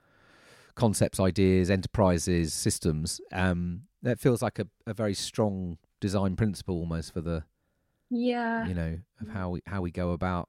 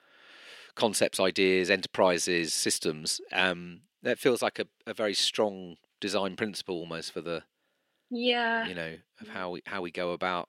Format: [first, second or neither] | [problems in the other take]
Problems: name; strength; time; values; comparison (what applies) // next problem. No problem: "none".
first | thin; somewhat; fading below 350 Hz